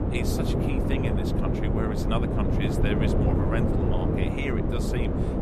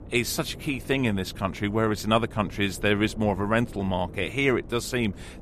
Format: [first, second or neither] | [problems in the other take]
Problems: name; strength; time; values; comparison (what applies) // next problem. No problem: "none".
second | wind noise on the microphone; heavy; 3 dB above the speech; occasional gusts in the second